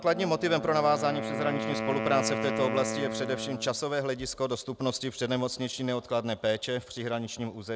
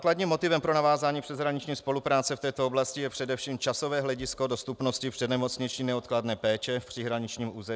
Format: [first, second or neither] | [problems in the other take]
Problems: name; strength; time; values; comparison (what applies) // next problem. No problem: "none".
second | background sound (Wind instrument, woodwind instrument); 7 dB below the speech